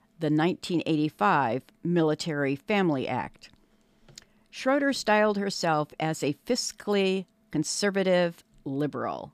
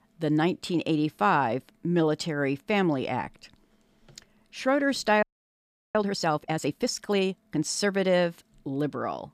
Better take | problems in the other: first | audio freezing; at 5 s for 0.5 s

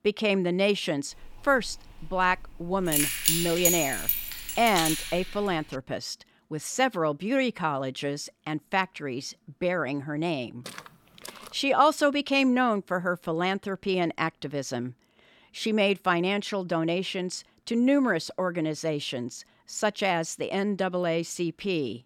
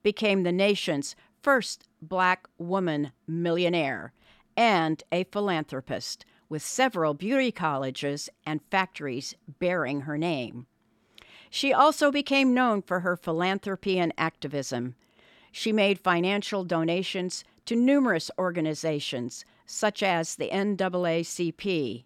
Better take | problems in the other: second | jangling keys; loud; from 1 to 5.5 s; peak 5 dB above the speech // footsteps; faint; at 11 s; peak 15 dB below the speech

